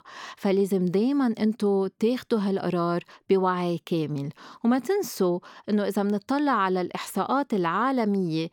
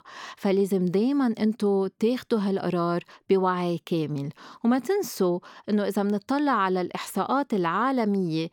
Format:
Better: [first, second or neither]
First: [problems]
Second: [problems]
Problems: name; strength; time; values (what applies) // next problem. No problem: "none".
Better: neither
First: none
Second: none